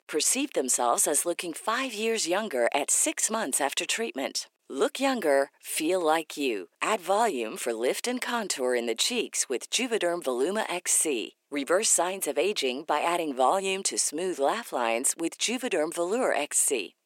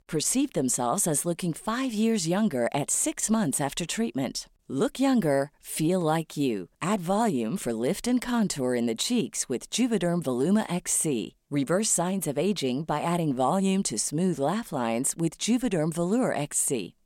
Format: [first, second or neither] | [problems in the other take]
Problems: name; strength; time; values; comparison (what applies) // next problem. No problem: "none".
second | thin; somewhat; fading below 350 Hz